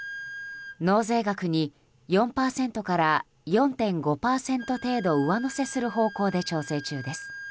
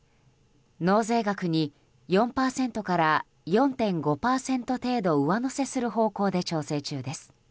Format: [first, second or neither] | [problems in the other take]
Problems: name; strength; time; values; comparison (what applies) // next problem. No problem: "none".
second | background sound (Wind instrument, woodwind instrument); 17 dB below the speech